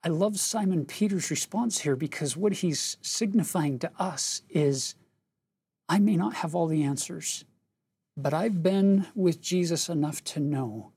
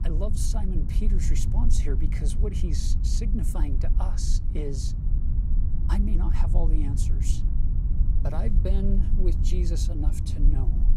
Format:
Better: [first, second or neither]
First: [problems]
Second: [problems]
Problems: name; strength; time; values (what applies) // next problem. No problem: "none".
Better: first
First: none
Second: low rumble; loud; throughout; 5 dB below the speech